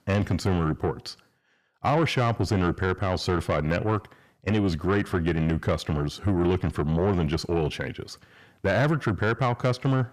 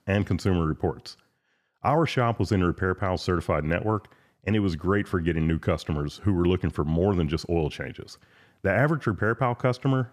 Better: second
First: distortion; slight; 10 dB below the speech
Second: none

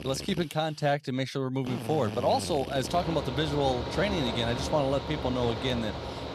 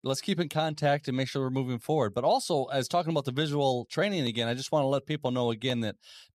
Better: second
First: machinery noise; loud; throughout; 6 dB below the speech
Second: none

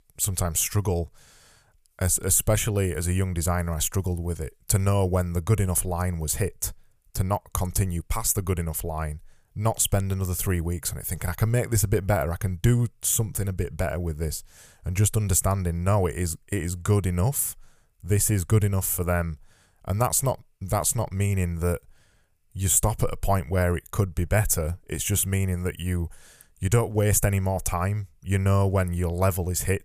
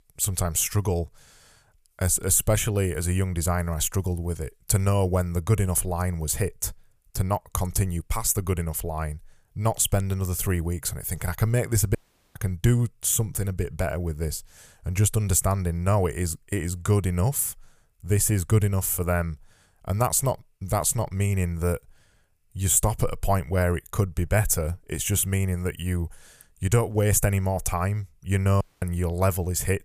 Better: first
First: none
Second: audio cutting out; at 12 s and at 29 s

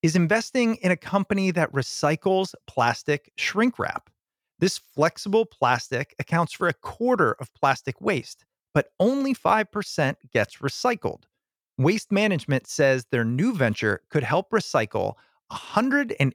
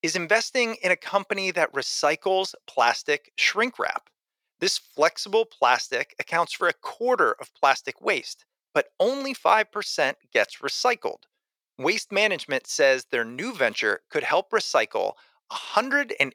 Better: first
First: none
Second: thin; somewhat; fading below 500 Hz

